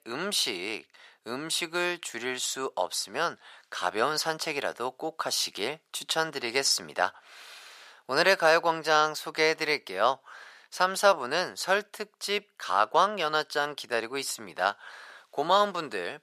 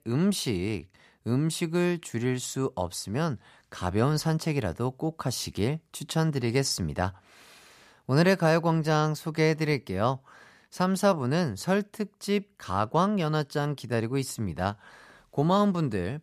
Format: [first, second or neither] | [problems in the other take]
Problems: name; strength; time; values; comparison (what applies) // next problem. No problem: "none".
second | thin; very; fading below 600 Hz